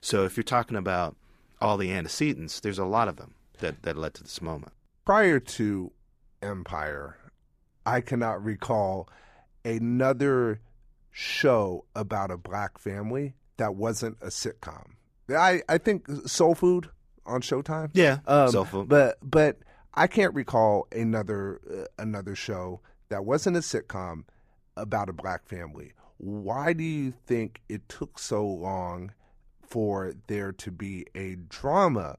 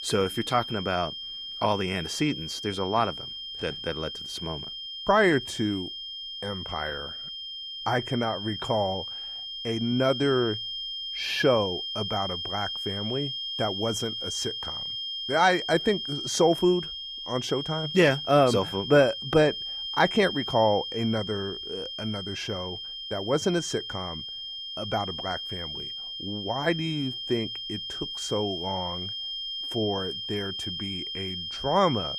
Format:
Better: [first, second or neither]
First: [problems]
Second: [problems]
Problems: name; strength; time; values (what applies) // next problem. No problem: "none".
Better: first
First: none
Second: high-pitched whine; loud; throughout; 3 kHz, 5 dB below the speech